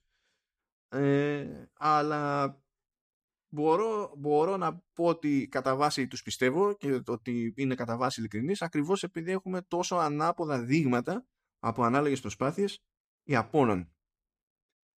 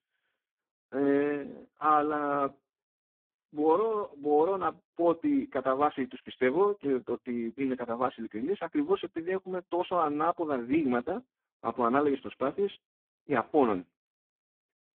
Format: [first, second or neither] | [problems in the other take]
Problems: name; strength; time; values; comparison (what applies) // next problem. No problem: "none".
first | phone-call audio; poor line